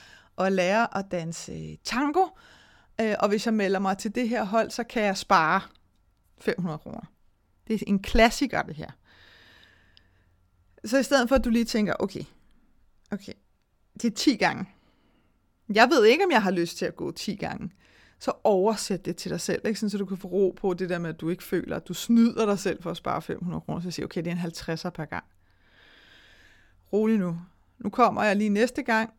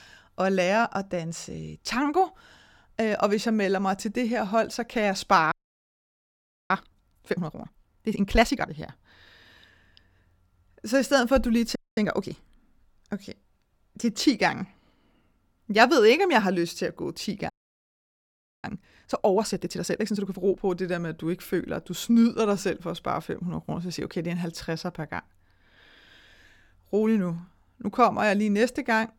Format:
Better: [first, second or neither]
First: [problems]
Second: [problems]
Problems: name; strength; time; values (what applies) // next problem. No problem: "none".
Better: first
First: none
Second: audio freezing; at 5.5 s for 1 s, at 12 s and at 18 s for 1 s